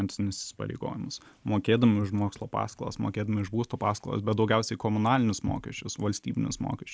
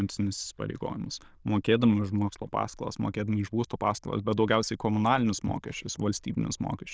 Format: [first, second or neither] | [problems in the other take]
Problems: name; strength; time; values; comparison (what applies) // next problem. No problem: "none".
first | noise reduction (neural diffusion model UNIVERSE++)